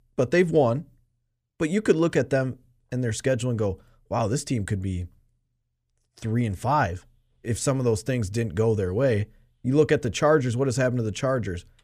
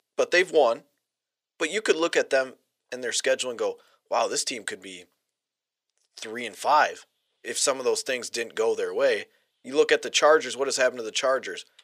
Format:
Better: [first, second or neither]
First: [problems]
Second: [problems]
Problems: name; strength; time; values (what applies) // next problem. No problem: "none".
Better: first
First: none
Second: thin; very; fading below 450 Hz